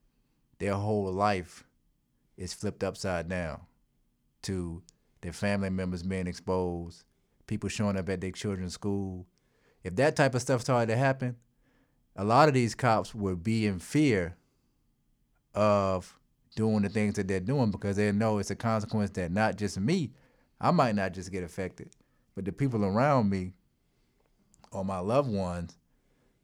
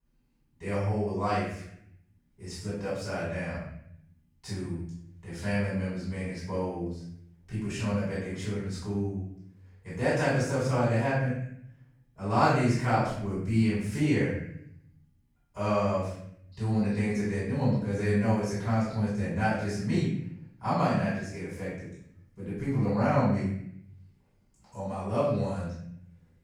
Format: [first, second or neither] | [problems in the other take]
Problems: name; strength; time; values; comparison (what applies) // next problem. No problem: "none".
first | off-mic speech; far // room echo; strong; dies away in 0.7 s